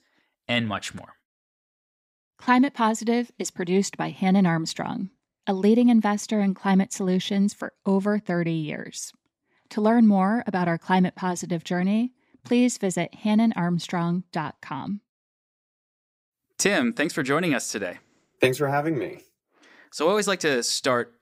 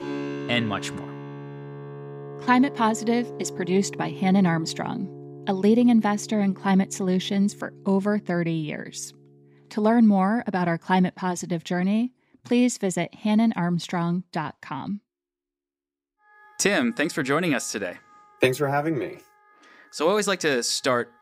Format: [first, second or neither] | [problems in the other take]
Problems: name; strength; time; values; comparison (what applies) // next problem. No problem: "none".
first | background music; noticeable; throughout; 15 dB below the speech